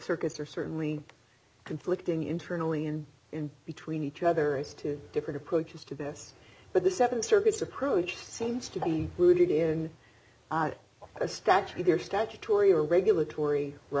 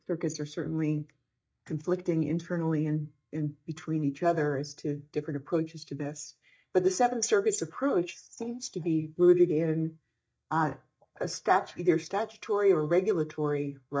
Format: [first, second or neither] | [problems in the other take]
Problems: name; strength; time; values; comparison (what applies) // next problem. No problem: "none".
first | noise reduction (neural mask model DeepFilterNet 3)